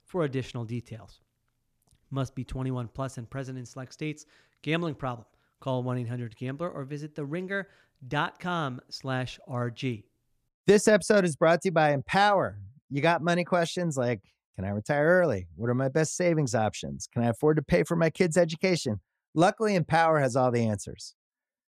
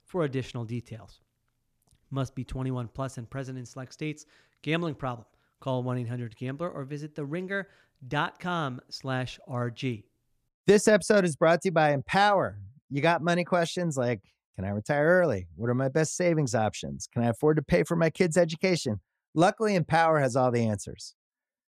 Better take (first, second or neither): neither